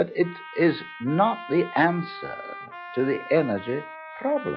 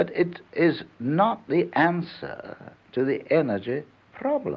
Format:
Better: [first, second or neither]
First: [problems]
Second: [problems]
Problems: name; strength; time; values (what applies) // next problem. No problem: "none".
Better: second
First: noise reduction (classical method log-MMSE)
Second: none